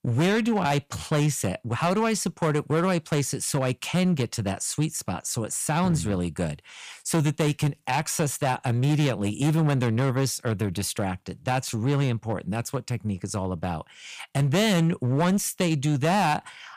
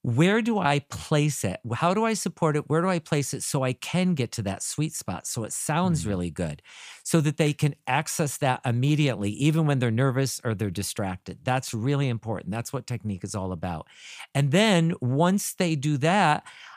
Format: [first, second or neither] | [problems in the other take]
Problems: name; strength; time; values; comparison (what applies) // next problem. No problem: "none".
second | distortion; slight; 10% of the sound clipped